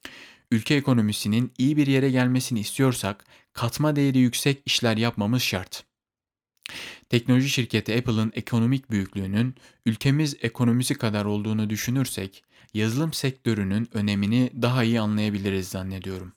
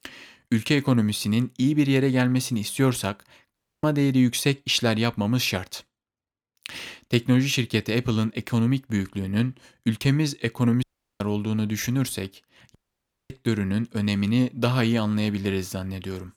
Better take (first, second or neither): first